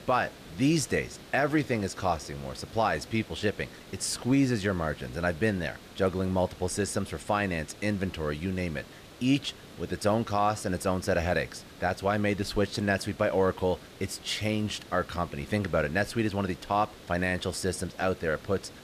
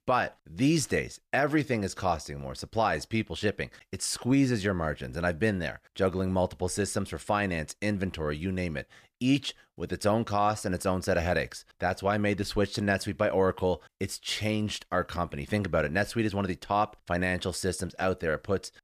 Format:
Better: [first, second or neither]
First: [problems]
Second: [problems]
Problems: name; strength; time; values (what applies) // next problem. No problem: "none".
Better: second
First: hiss; noticeable; throughout; 20 dB below the speech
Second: none